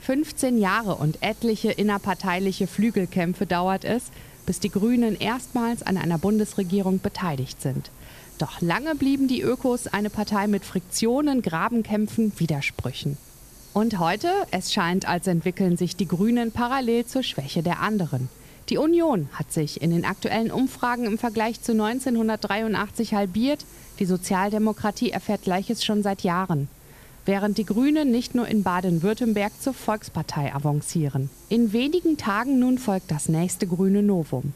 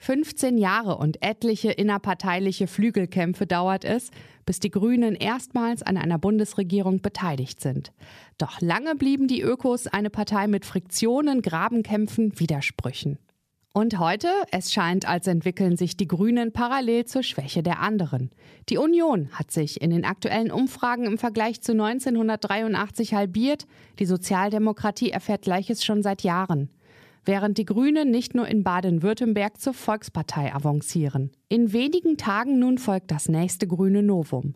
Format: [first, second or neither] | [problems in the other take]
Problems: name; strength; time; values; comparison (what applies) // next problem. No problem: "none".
second | hiss; faint; throughout; 20 dB below the speech